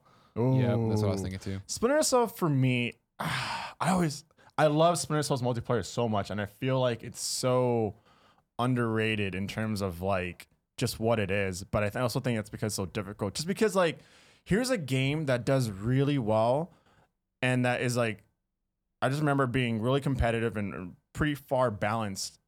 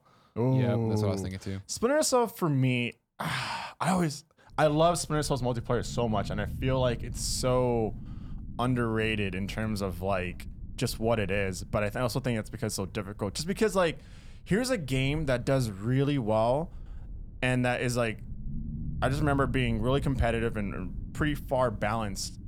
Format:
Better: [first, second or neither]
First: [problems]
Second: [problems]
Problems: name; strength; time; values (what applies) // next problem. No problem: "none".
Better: first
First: none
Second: low rumble; faint; from 4.5 s on; 25 dB below the speech